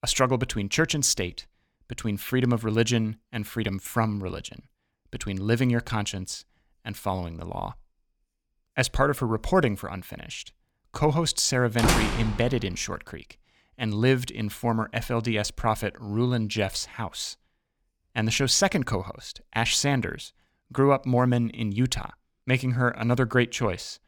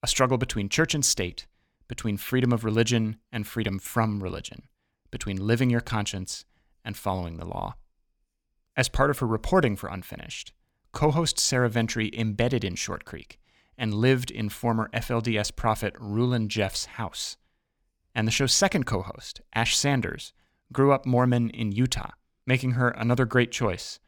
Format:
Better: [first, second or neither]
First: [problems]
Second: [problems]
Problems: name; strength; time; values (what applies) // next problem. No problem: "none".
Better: second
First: door banging; loud; at 12 s; peak 3 dB above the speech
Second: none